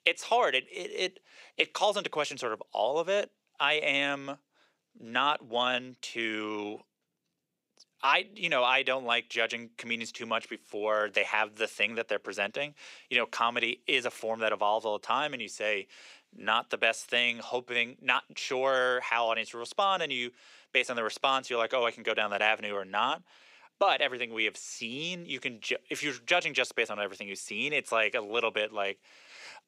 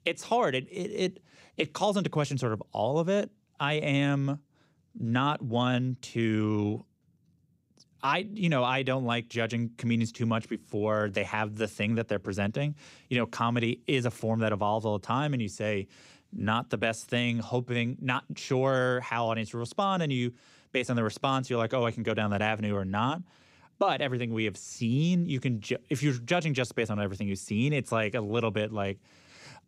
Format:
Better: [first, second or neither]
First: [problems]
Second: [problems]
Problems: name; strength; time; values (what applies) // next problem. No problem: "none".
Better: second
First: thin; very; fading below 550 Hz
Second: none